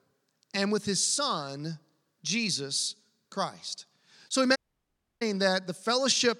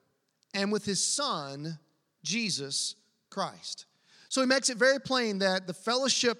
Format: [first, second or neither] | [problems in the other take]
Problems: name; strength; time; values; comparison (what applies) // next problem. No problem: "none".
second | audio cutting out; at 4.5 s for 0.5 s